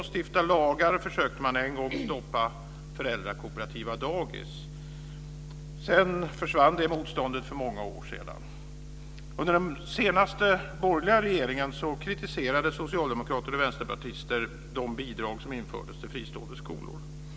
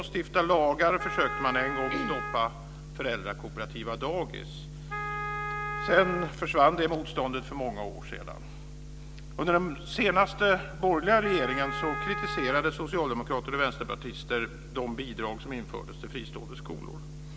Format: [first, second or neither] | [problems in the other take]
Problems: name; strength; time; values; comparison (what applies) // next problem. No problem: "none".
first | background sound (Wind instrument, woodwind instrument); 7 dB below the speech